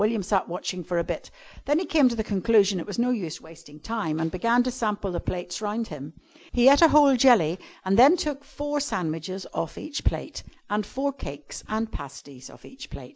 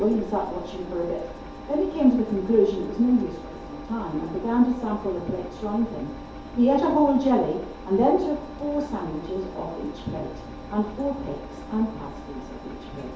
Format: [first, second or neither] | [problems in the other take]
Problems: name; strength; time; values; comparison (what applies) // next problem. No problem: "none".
first | background sound (Engine); 13 dB below the speech // room echo; dies away in 2.4 s